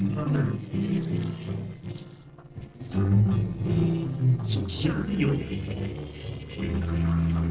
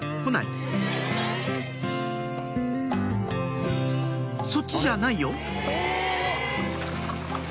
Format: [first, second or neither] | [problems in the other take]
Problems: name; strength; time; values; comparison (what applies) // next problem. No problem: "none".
second | noise reduction (neural separator model SepFormer DNS4)